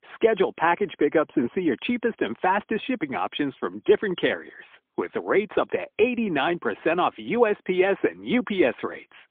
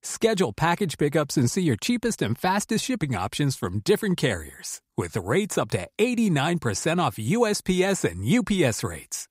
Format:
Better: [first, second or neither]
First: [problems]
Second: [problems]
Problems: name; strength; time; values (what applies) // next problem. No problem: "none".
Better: second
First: phone-call audio; poor line; nothing above 3.5 kHz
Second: none